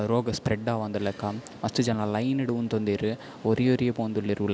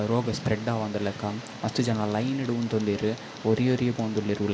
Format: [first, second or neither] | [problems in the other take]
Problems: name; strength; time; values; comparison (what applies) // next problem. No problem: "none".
first | background sound (Tick); 15 dB below the speech // room echo; dies away in 2.1 s